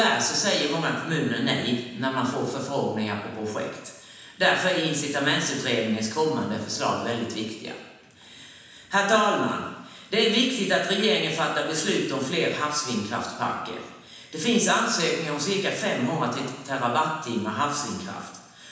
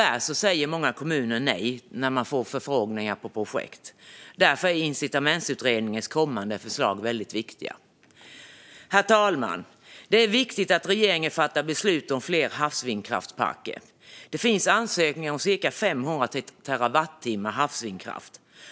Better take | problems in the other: second | room echo; dies away in 1.1 s

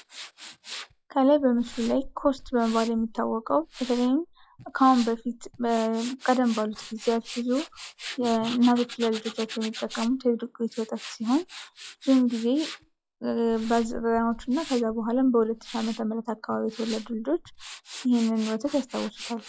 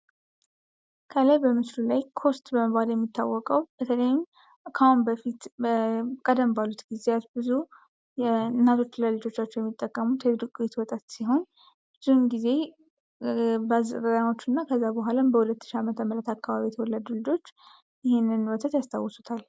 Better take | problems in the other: second | noise reduction (classical method log-MMSE)

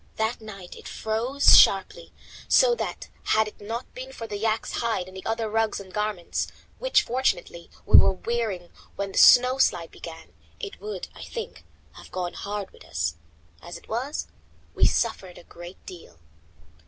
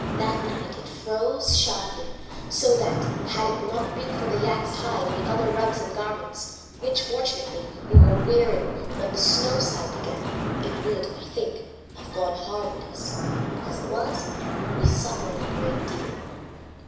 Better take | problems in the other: first | background sound (Mechanisms); 5 dB below the speech // room echo; dies away in 1 s

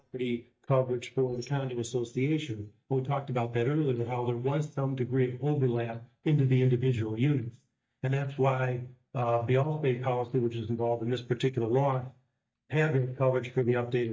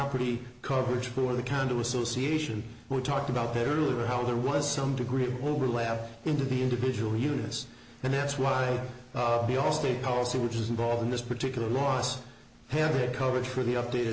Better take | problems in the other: second | noise reduction (neural mask model DeepFilterNet 3)

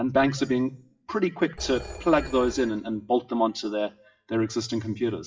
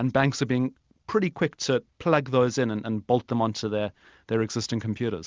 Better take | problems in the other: second | noise reduction (classical method WPE with log-MMSE)

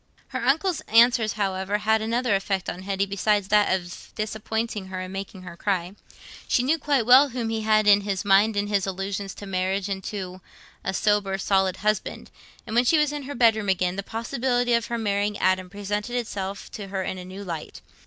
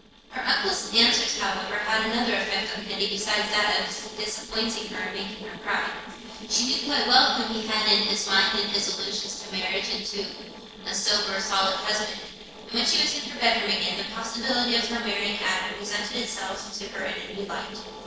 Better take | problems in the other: first | noise reduction (neural separator model SepFormer DNS4)

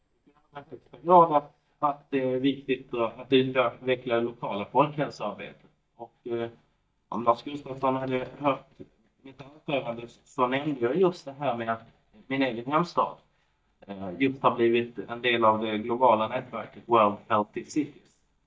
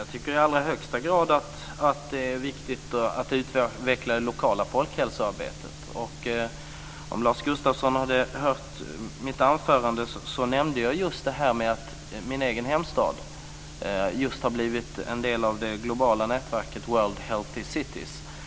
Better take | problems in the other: second | noise reduction (neural mask model DeepFilterNet 3)

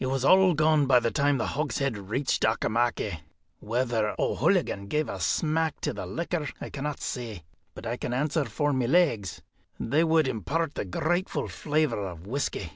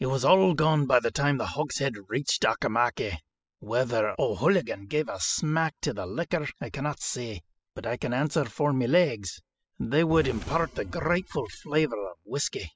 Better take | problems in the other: first | noise reduction (classical method spectral subtraction)

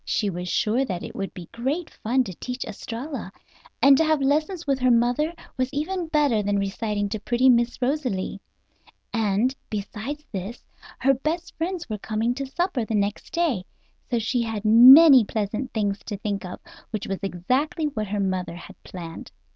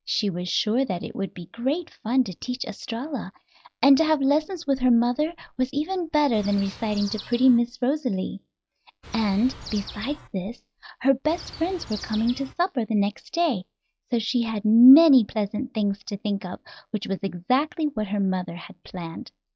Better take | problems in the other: first | noise reduction (classical method log-MMSE)

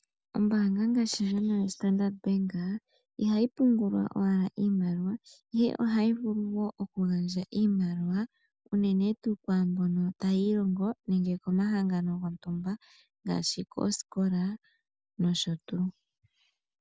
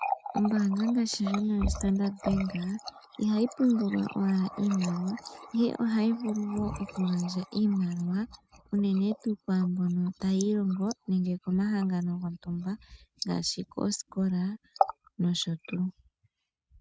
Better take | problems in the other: first | noise reduction (neural mask model RNNoise)

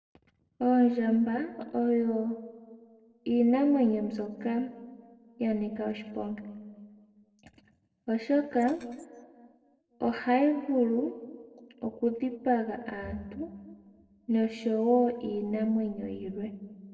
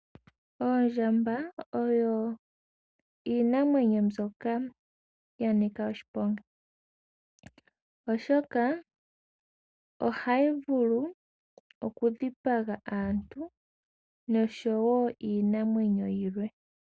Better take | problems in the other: second | noise reduction (neural separator model SepFormer DNS4)

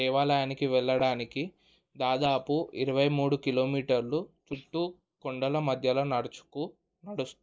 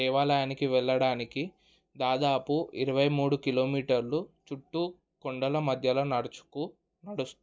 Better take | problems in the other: second | noise reduction (neural mask model Resemble Enhance denoiser)

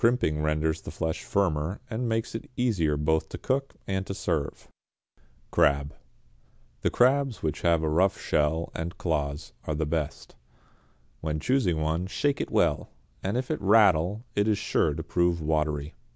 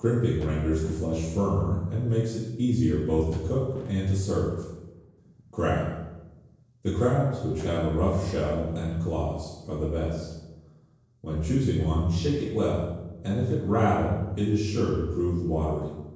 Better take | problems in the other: first | noise reduction (neural separator model SepFormer DNS4)

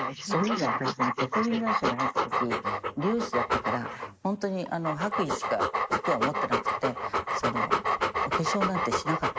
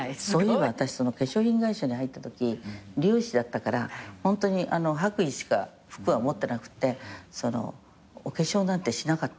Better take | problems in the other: second | noise reduction (neural mask model Resemble Enhance denoiser)

